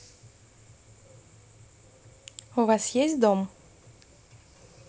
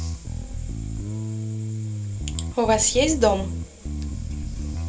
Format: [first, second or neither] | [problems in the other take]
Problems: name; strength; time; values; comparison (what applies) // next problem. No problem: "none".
first | background sound (Bass guitar); 3 dB below the speech // room echo; dies away in 0.2 s